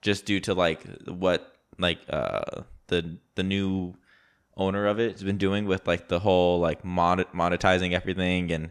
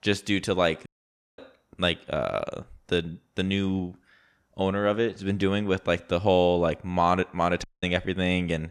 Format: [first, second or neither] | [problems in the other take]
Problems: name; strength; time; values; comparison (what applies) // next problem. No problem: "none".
first | audio cutting out; at 1 s for 0.5 s and at 7.5 s